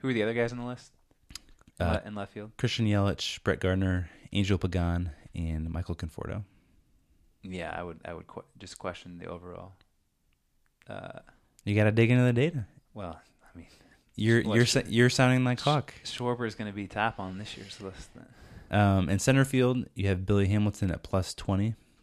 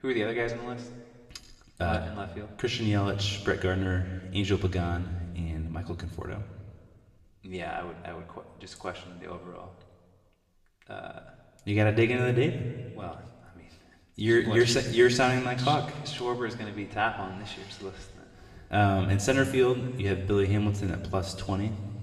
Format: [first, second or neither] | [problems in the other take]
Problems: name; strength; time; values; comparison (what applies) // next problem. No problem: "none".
first | room echo; slight; dies away in 1.3 s // off-mic speech; somewhat distant